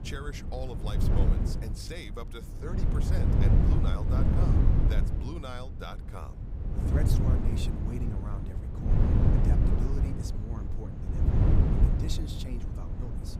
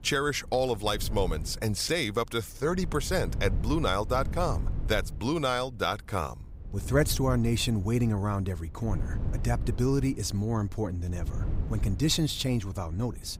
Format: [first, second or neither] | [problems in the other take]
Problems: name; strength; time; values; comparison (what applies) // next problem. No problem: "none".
second | wind noise on the microphone; heavy; 3 dB above the speech; occasional gusts in the second